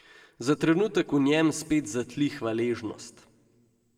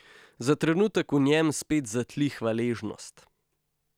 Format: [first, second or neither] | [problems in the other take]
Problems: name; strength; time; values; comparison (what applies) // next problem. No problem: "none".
second | room echo; dies away in 0.8 s